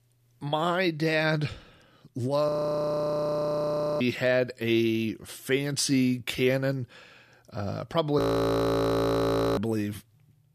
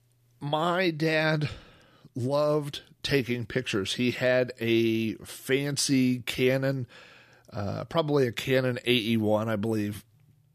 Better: second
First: audio freezing; at 2.5 s for 1.5 s and at 8 s for 1.5 s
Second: none

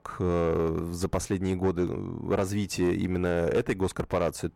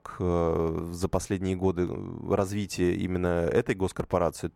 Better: second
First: distortion; slight; 10 dB below the speech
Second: none

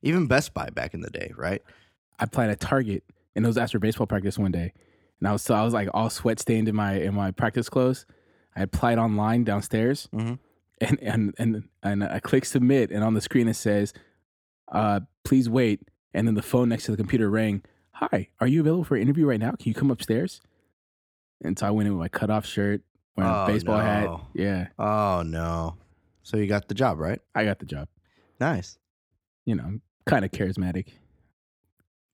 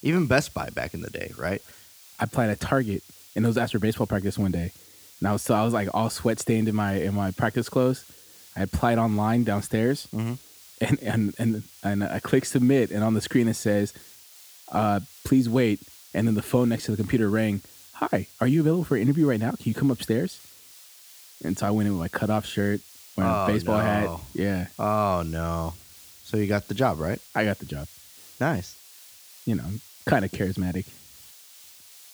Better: first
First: none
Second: hiss; faint; throughout; 20 dB below the speech

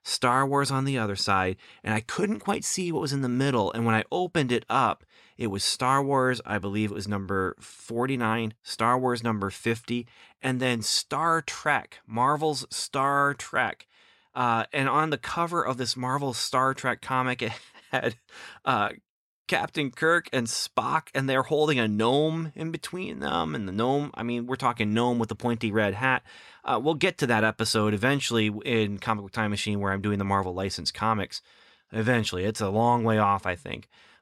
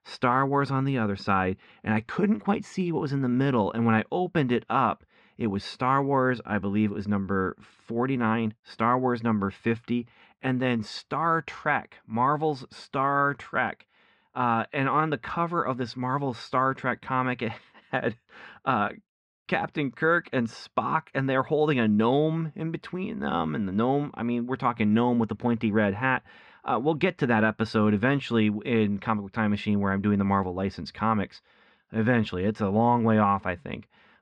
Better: first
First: none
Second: muffled; slightly; fading above 2.5 kHz

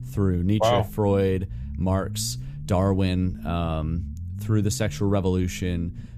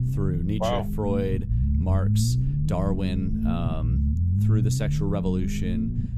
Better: first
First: low rumble; faint; throughout; 20 dB below the speech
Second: low rumble; loud; throughout; 4 dB below the speech

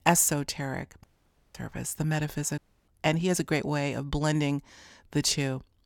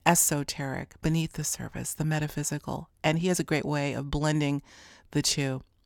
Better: second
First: audio cutting out; at 1 s for 0.5 s and at 2.5 s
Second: none

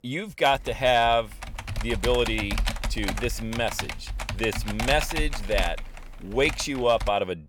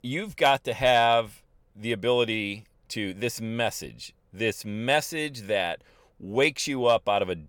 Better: second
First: keyboard typing; noticeable; from 0.5 s on; peak 3 dB below the speech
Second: none

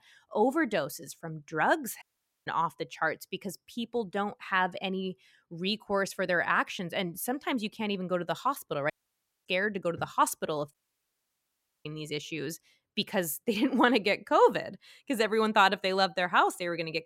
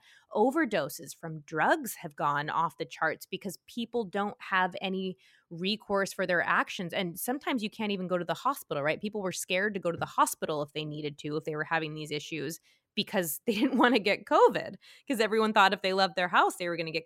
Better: second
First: audio cutting out; at 2 s, at 9 s for 0.5 s and at 11 s for 1 s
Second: none

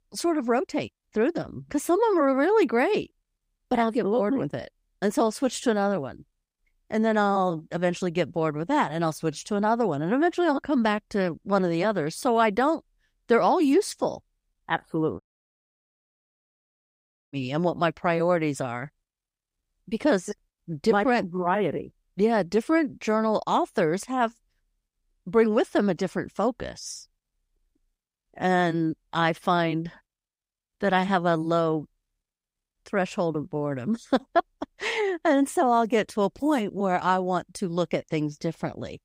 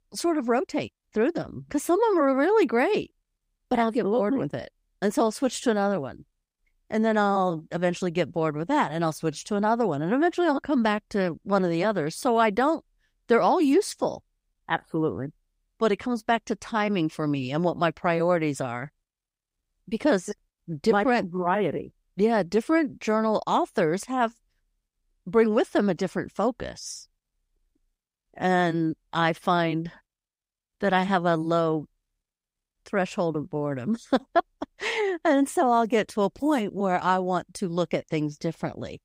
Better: second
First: audio cutting out; at 15 s for 2 s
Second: none

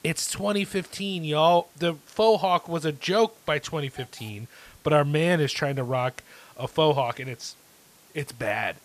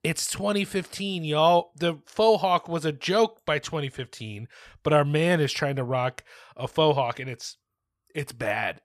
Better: second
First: hiss; faint; throughout; 25 dB below the speech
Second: none

